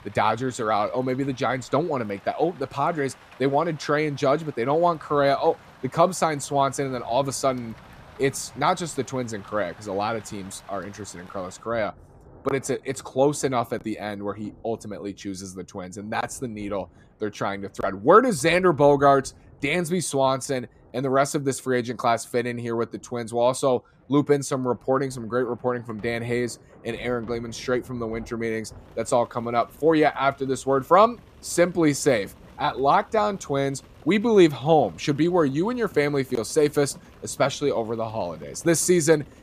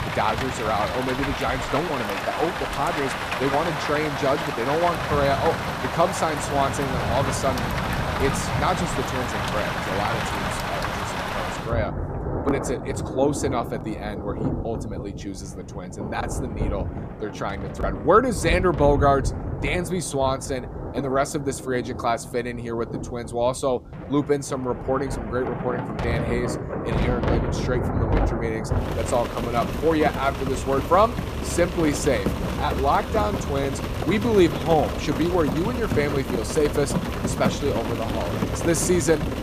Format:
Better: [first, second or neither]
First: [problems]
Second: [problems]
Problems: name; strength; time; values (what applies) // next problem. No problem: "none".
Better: first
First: rain or running water; faint; throughout; 25 dB below the speech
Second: rain or running water; loud; throughout; 3 dB below the speech